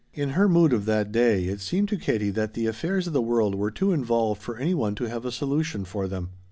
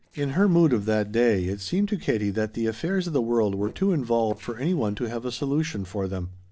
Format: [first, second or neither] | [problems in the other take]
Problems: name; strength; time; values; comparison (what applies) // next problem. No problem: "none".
first | noise reduction (neural separator model SepFormer DNS4)